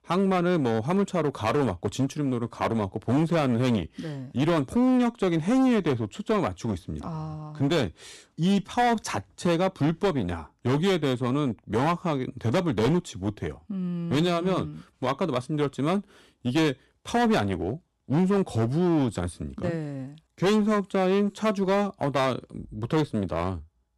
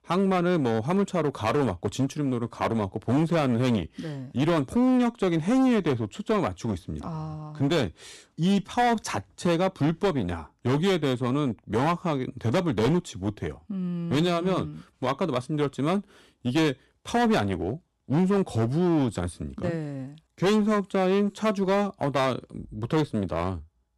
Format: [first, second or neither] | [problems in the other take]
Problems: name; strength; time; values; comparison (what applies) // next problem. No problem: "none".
neither | distortion; slight; 13% of the sound clipped; the same in both